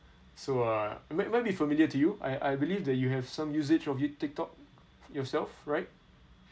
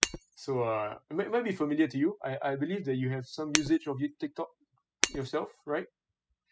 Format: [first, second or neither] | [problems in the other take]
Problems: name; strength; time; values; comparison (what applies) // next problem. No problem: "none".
first | noise reduction (classical method spectral subtraction)